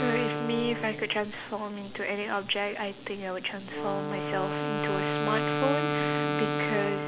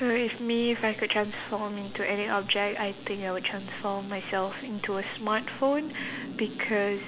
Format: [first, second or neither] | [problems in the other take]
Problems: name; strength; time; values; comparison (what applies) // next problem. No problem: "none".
second | background sound (Wind instrument, woodwind instrument); as loud as the speech